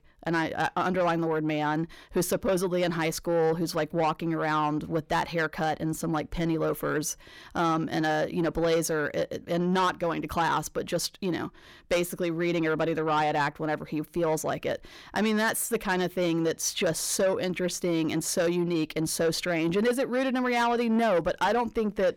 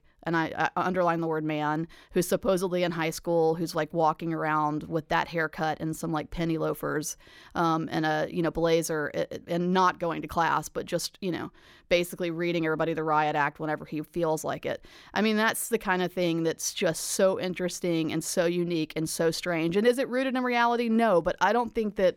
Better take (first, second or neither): second